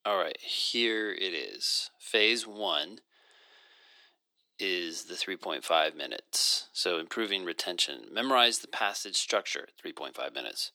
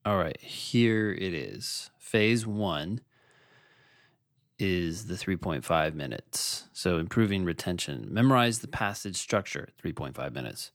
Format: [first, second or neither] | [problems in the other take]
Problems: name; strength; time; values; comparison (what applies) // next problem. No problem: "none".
second | thin; very; fading below 350 Hz